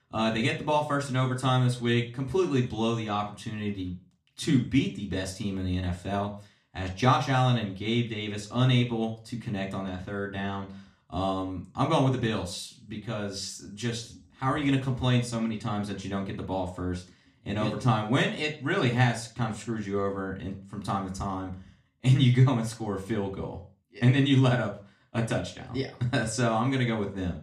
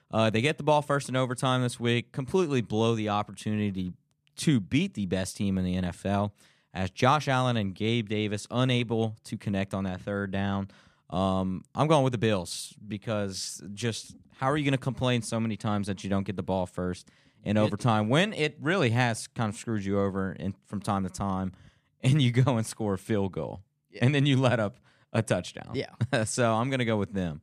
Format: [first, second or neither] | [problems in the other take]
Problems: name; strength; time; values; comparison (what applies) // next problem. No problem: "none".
second | room echo; very slight; dies away in 0.3 s // off-mic speech; far